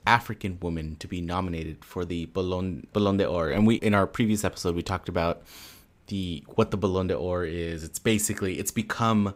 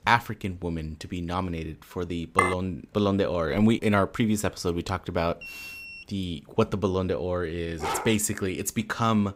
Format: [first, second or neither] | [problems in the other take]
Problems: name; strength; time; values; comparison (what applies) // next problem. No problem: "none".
first | clattering dishes; loud; at 2.5 s; peak 2 dB above the speech // alarm; faint; at 5.5 s; peak 10 dB below the speech // dog barking; noticeable; at 8 s; peak 4 dB below the speech